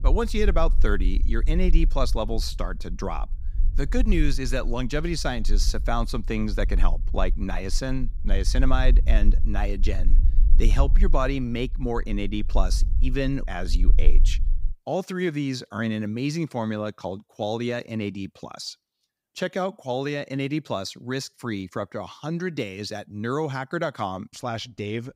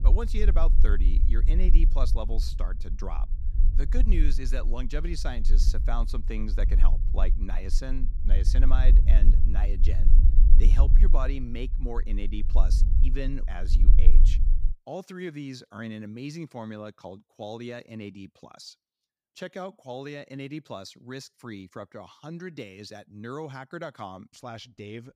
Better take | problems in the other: first | low rumble; loud; until 15 s; 9 dB below the speech; faint in the first

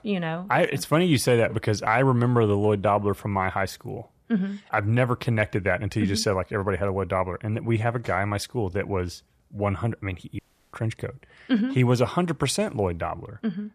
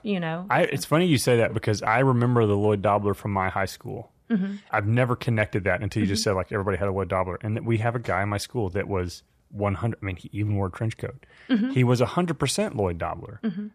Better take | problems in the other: second | audio cutting out; at 10 s

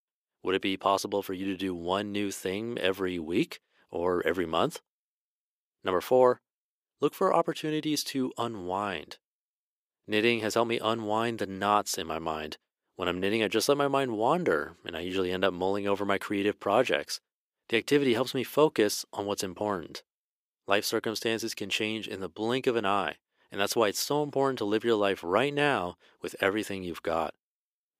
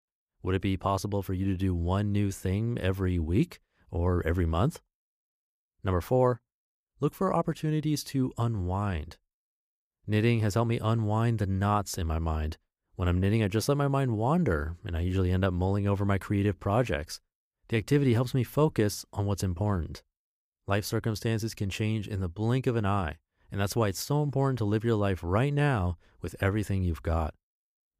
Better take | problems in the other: second | thin; somewhat; fading below 350 Hz

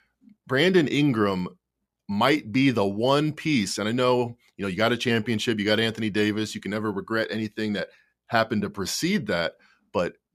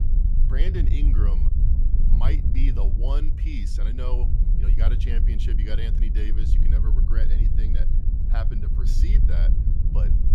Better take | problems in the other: first | wind noise on the microphone; heavy; 3 dB below the speech

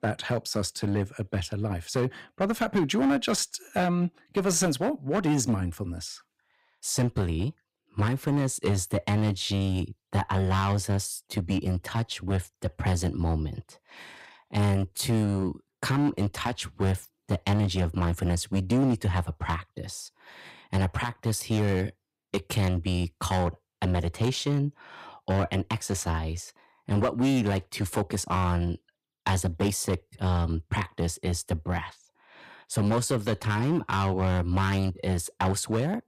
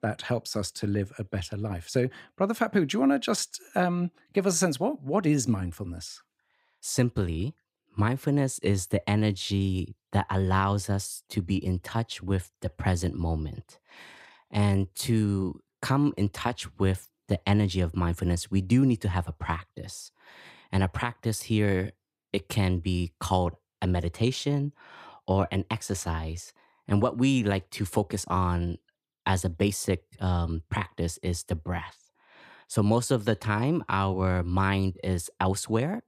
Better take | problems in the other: second | distortion; slight; 7% of the sound clipped

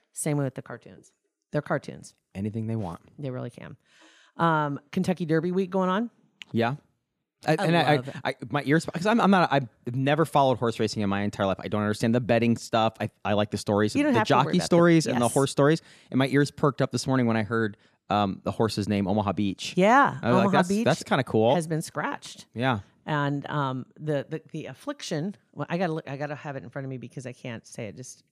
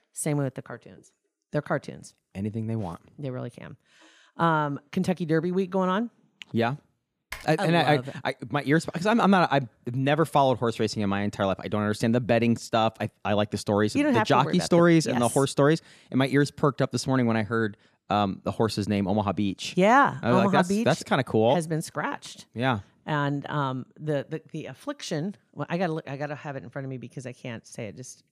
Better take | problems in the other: first | keyboard typing; faint; at 7.5 s; peak 15 dB below the speech

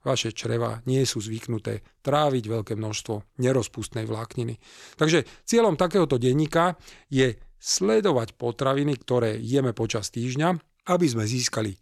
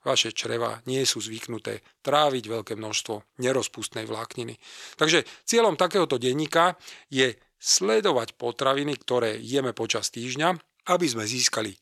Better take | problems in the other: first | thin; somewhat; fading below 600 Hz

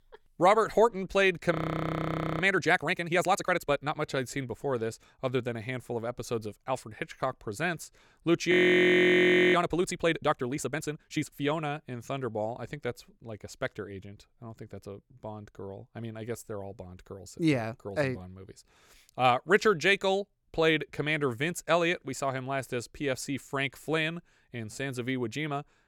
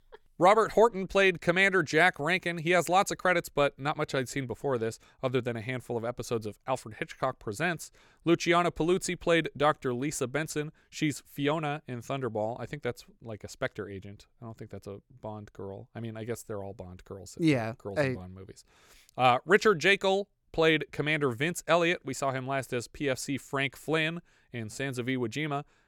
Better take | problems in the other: second | audio freezing; at 1.5 s for 1 s and at 8.5 s for 1 s

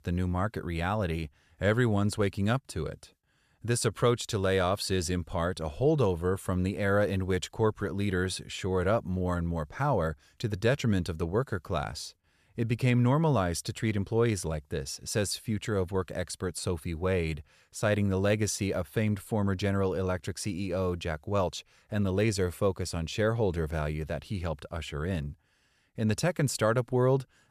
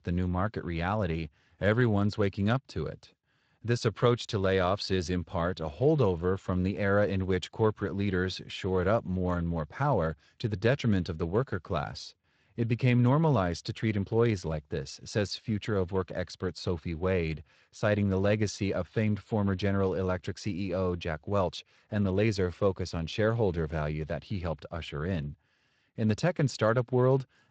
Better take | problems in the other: first | garbled, watery; slightly; nothing above 7.5 kHz

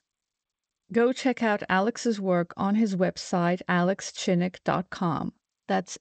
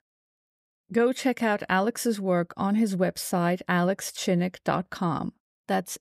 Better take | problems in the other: second | garbled, watery; slightly; nothing above 8 kHz

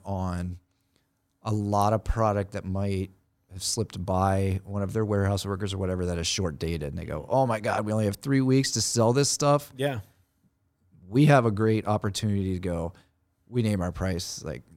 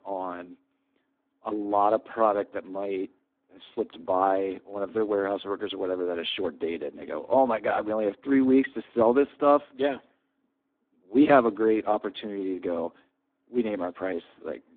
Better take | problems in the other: first | phone-call audio; poor line; nothing above 3.5 kHz

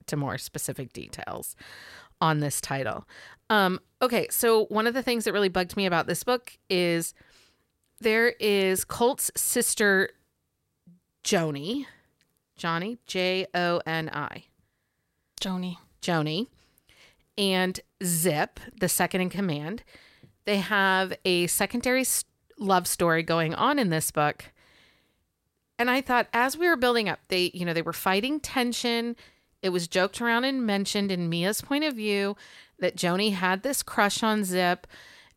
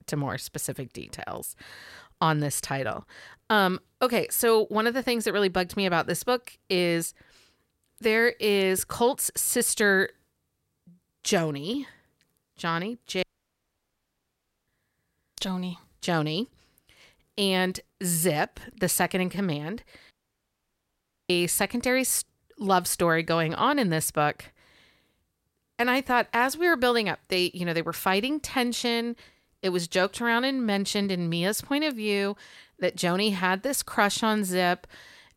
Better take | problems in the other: first | audio cutting out; at 13 s for 1.5 s and at 20 s for 1 s

